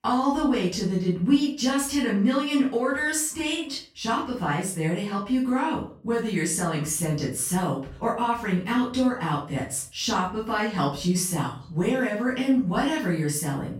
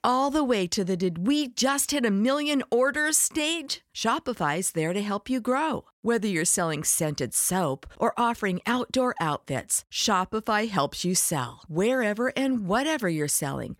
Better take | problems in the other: second | off-mic speech; far // room echo; noticeable; dies away in 0.3 s

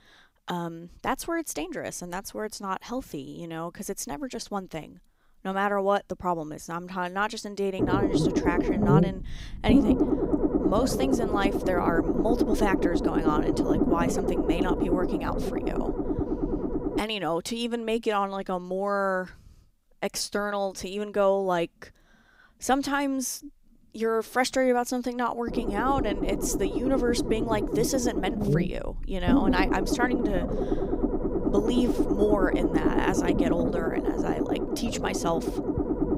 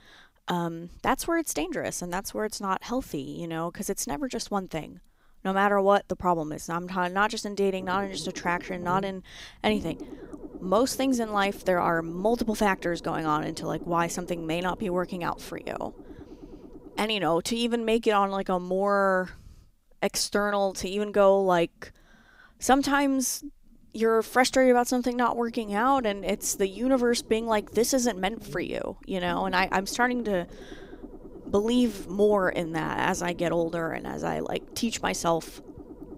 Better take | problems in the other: second | low rumble; loud; from 8 to 17 s and from 25 s on; 1 dB below the speech; faint in the second

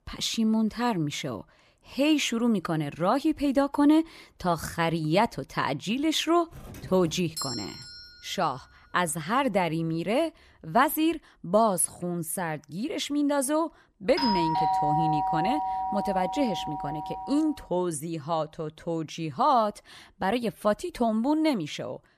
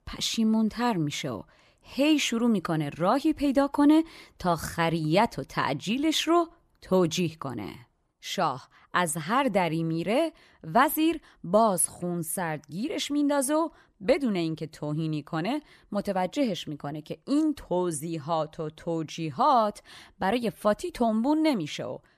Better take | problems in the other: second | doorbell; noticeable; from 6.5 to 8 s; peak 5 dB below the speech // doorbell; loud; from 14 to 17 s; peak 2 dB above the speech

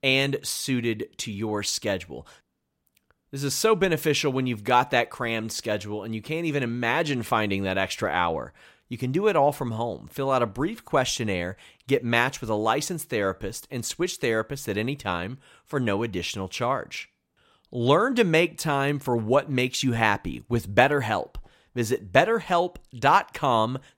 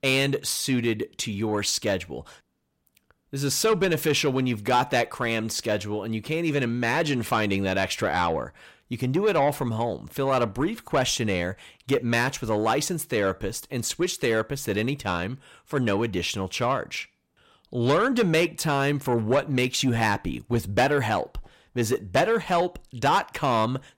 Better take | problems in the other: first | distortion; slight; 10 dB below the speech

